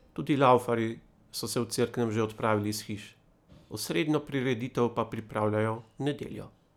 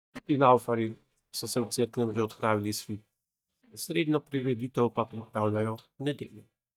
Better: first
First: none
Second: noise reduction (neural mask model DeepFilterNet 3)

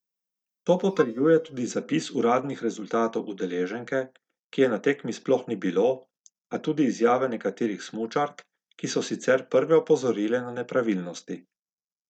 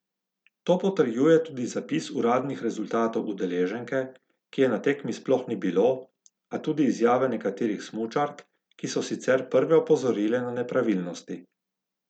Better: second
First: noise reduction (neural mask model DeepFilterNet 3)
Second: none

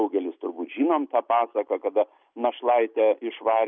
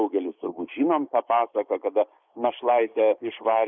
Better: first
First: none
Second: noise reduction (neural mask model Resemble Enhance denoiser)

